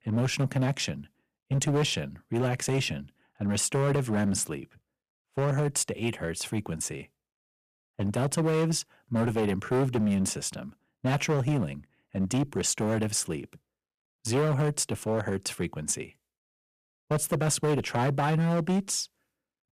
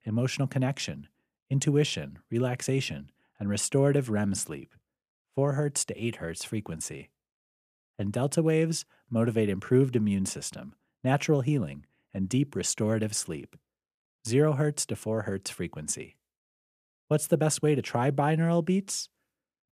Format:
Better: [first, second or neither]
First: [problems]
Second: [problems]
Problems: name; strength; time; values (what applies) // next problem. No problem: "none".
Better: second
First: distortion; heavy; 10% of the sound clipped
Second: none